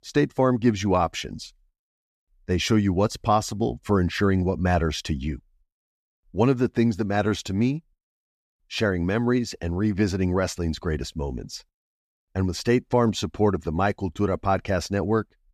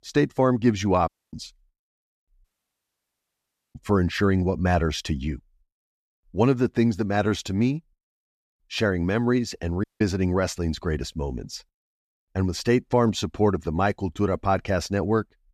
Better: first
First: none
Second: audio cutting out; at 1 s, at 2.5 s for 1.5 s and at 10 s

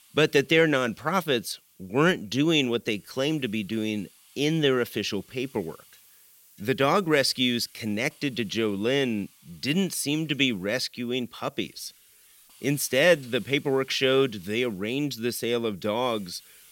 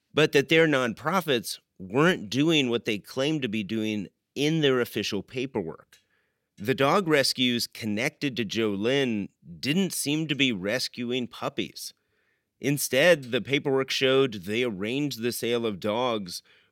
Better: second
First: hiss; faint; throughout; 25 dB below the speech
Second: none

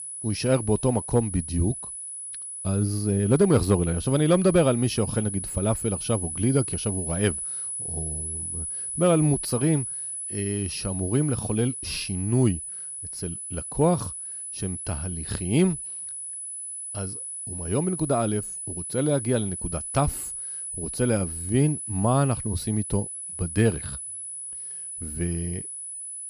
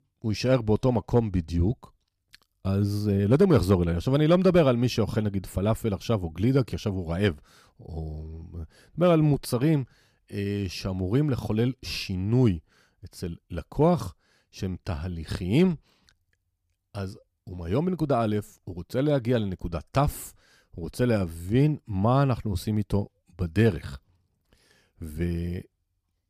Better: second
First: high-pitched whine; loud; throughout; 10 kHz, 6 dB below the speech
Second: none

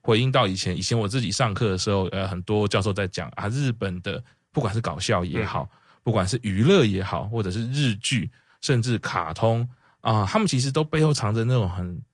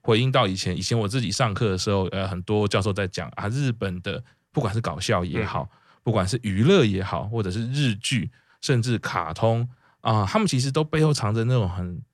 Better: second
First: garbled, watery; slightly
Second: none

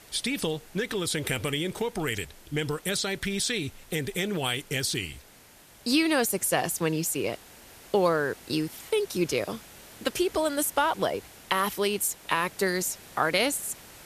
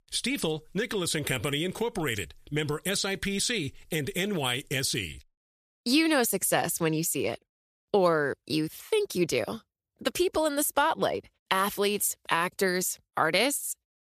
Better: second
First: hiss; faint; throughout; 20 dB below the speech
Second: none

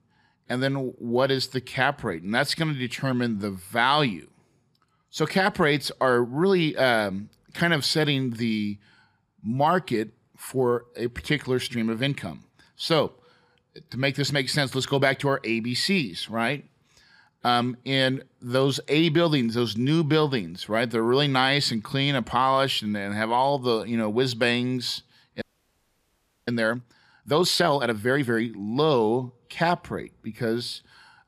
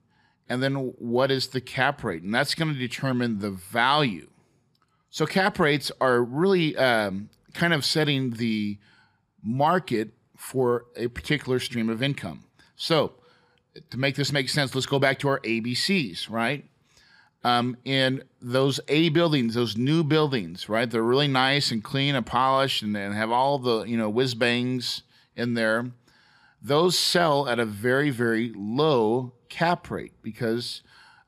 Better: second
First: audio freezing; at 25 s for 1 s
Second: none

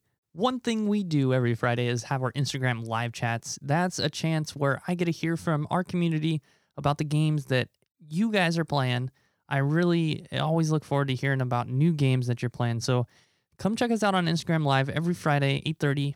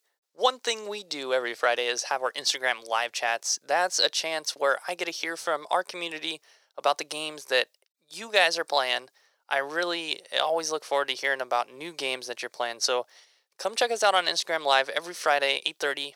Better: first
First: none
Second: thin; very; fading below 500 Hz

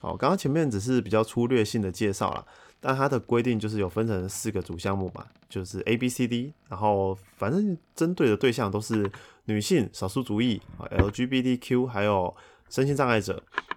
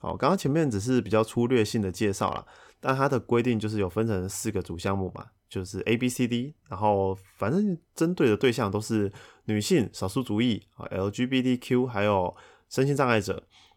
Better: second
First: household noises; loud; throughout; 8 dB below the speech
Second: none

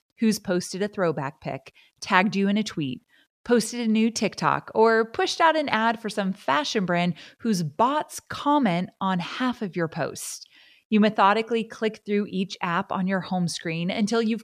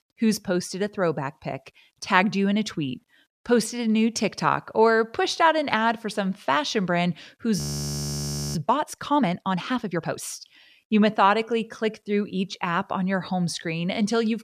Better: first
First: none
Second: audio freezing; at 7.5 s for 1 s

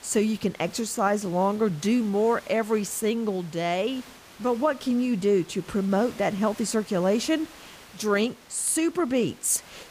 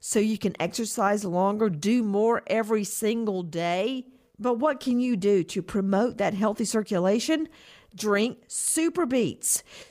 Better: second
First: hiss; faint; throughout; 20 dB below the speech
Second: none

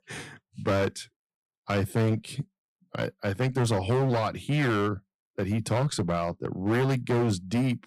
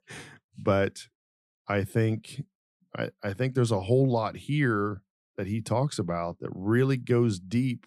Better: second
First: distortion; heavy; 14% of the sound clipped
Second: none

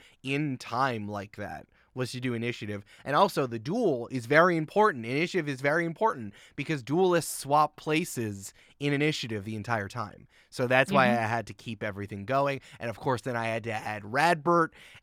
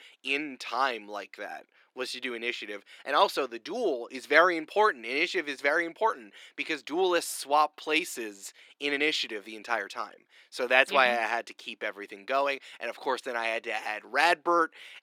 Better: first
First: none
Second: thin; somewhat; fading below 300 Hz

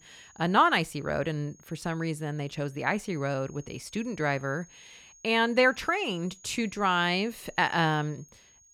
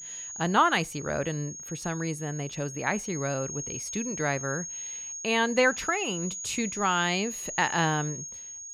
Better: first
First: high-pitched whine; faint; throughout; 6.5 kHz, 25 dB below the speech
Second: high-pitched whine; loud; throughout; 6.5 kHz, 7 dB below the speech

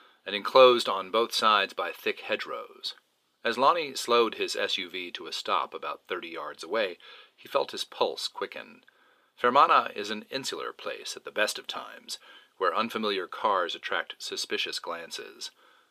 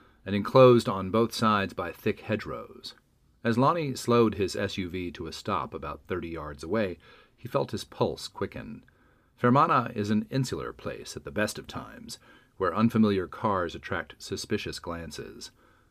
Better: second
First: thin; very; fading below 550 Hz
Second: none

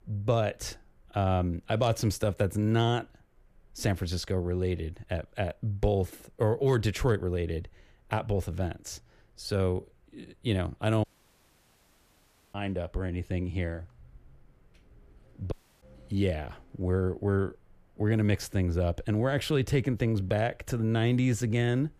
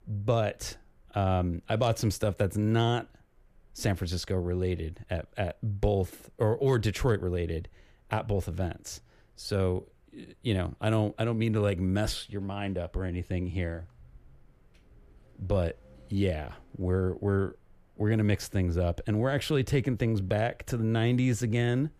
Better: second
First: audio cutting out; at 11 s for 1.5 s and at 16 s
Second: none

